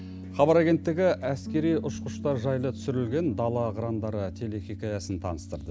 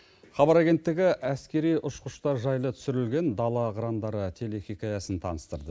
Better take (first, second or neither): second